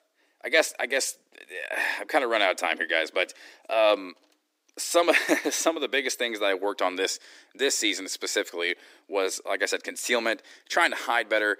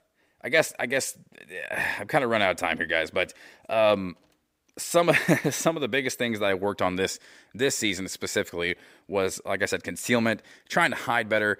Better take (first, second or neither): second